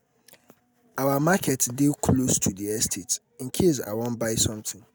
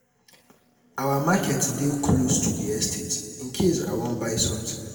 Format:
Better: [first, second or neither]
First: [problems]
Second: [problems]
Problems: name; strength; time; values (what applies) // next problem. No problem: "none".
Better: first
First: none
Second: room echo; dies away in 2 s